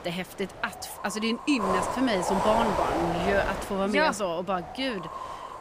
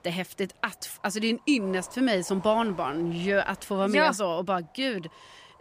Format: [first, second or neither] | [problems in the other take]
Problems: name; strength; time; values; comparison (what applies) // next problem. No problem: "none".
second | wind noise on the microphone; heavy; 1 dB below the speech; occasional gusts in the second